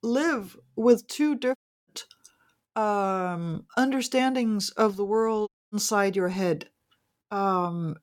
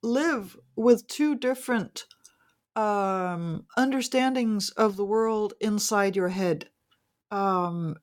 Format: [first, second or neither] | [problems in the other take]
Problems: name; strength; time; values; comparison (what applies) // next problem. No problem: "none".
second | audio cutting out; at 1.5 s and at 5.5 s